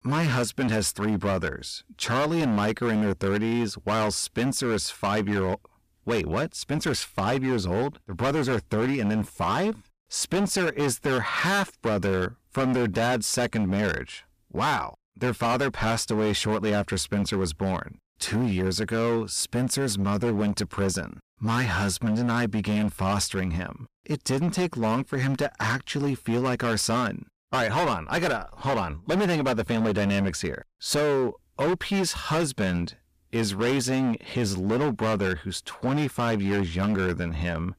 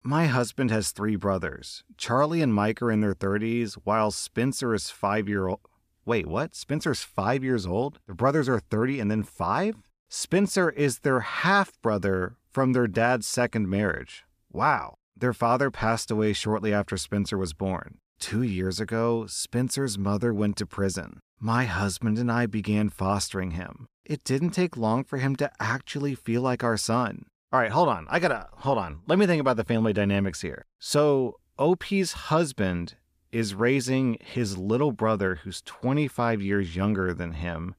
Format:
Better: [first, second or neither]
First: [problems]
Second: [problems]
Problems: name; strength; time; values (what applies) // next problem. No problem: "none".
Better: second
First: distortion; heavy; 18% of the sound clipped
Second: none